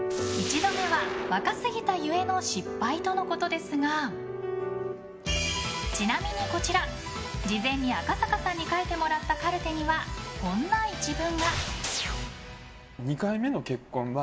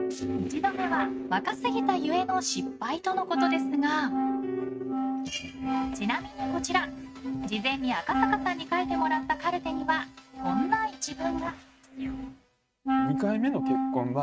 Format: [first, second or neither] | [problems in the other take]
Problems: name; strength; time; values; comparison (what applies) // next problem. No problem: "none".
first | noise reduction (neural mask model RNNoise)